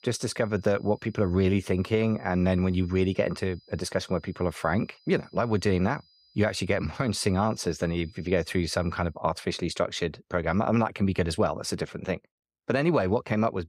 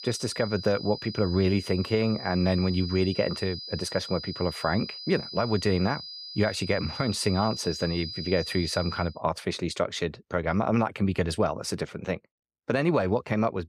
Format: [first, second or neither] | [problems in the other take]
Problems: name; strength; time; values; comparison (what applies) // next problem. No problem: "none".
first | high-pitched whine; loud; until 9 s; 5 kHz, 9 dB below the speech; faint in the first